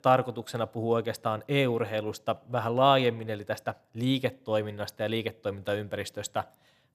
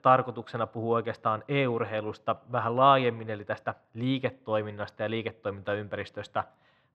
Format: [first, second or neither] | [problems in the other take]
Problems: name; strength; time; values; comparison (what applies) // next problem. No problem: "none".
first | muffled; slightly; fading above 2.5 kHz